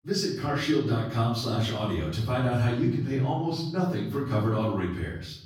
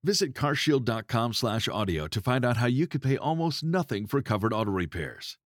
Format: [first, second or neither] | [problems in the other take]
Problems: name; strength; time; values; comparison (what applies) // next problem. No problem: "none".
second | off-mic speech; far // room echo; noticeable; dies away in 0.8 s